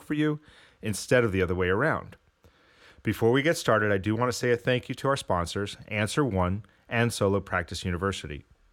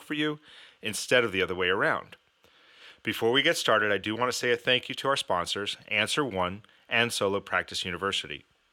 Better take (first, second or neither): first